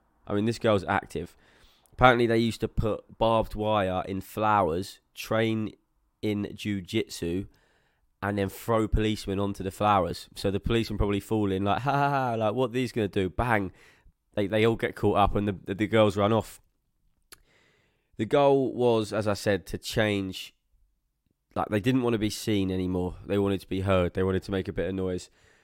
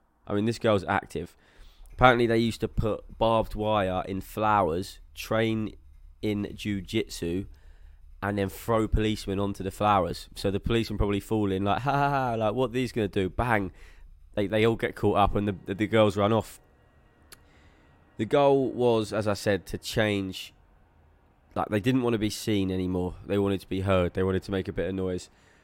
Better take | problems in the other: first | traffic noise; faint; throughout; 30 dB below the speech

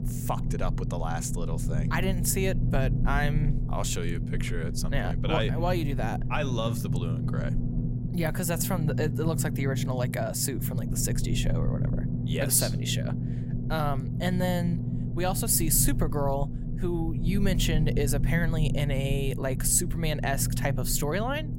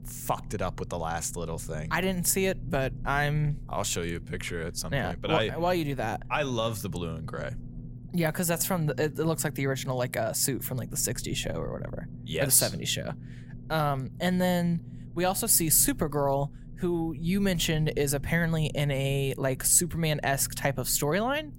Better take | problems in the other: second | low rumble; loud; throughout; 9 dB below the speech; faint in the second

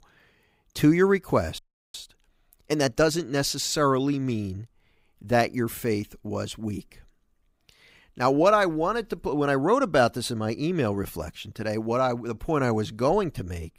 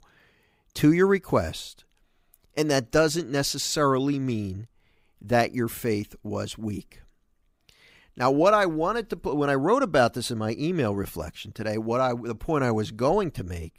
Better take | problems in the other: second | audio freezing; at 1.5 s

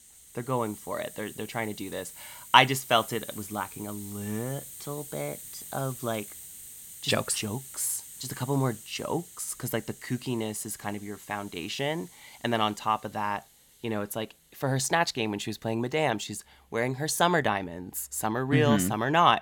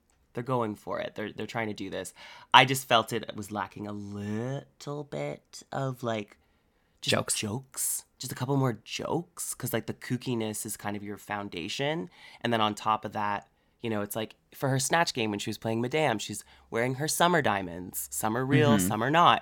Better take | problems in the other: second | hiss; noticeable; throughout; 15 dB below the speech

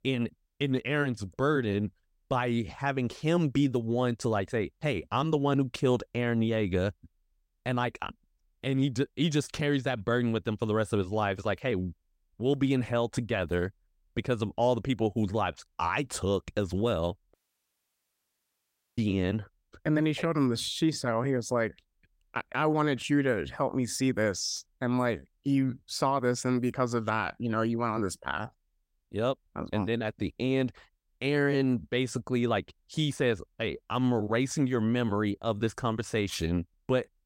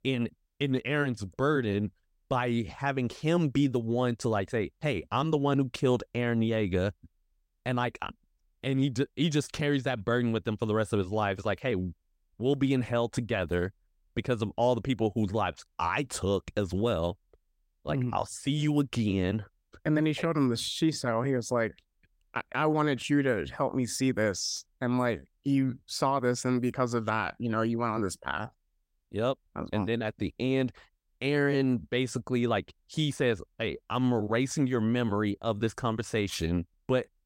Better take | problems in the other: second | audio cutting out; at 17 s for 1.5 s

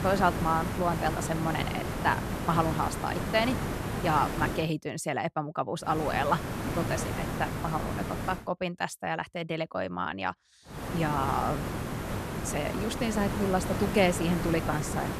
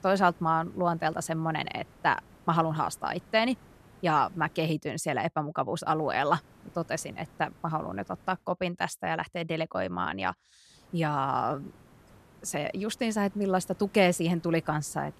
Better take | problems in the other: second | hiss; loud; until 4.5 s, from 6 to 8.5 s and from 11 s on; 3 dB below the speech; faint in the second

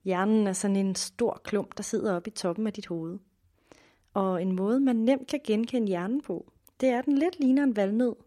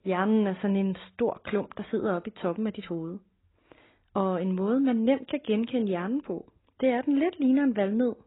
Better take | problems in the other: first | garbled, watery; badly; nothing above 4 kHz

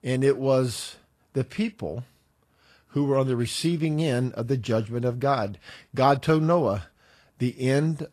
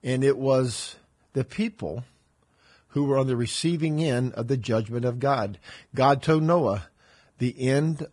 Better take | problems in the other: first | garbled, watery; badly; nothing above 10 kHz; slightly in the first

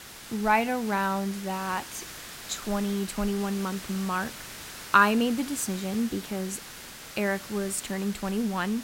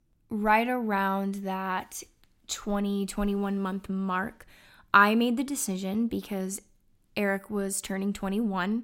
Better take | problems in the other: second | hiss; noticeable; throughout; 10 dB below the speech

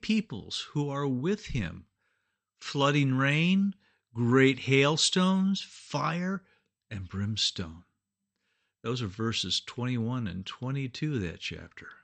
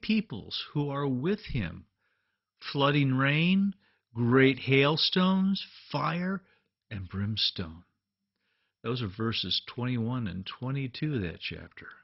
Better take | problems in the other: first | garbled, watery; badly; nothing above 5.5 kHz; slightly in the first

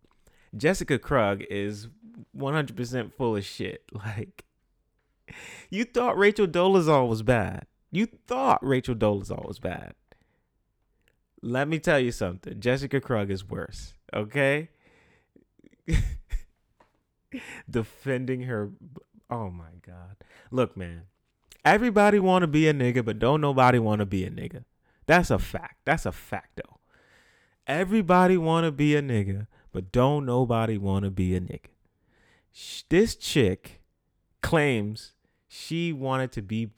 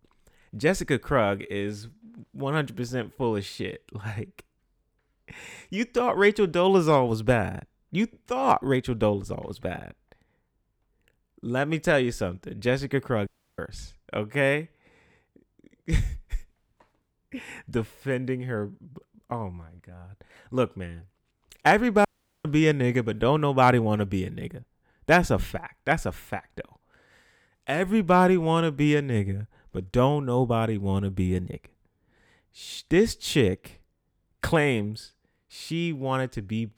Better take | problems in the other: first | audio cutting out; at 13 s and at 22 s

